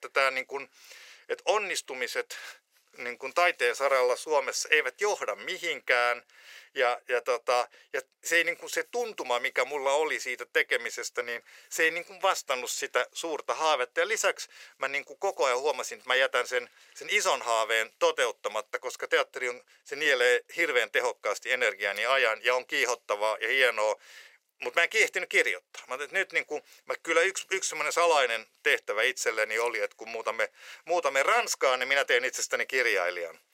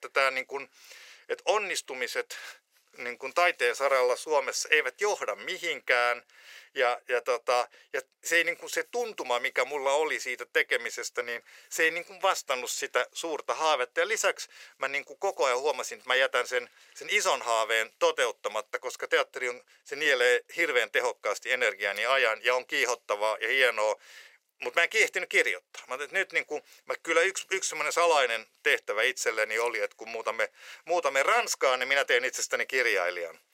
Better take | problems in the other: neither | thin; very; fading below 450 Hz; the same in both

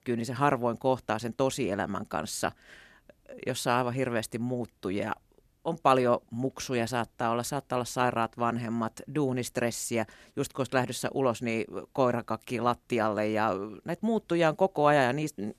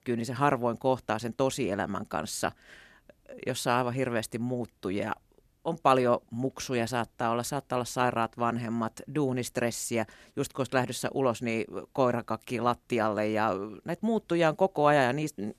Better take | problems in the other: neither | none

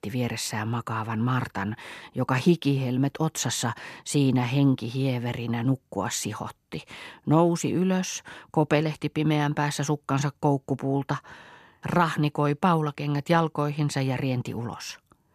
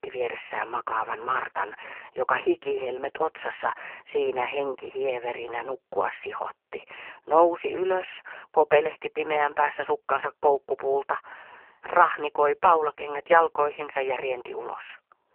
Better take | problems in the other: first | phone-call audio; poor line

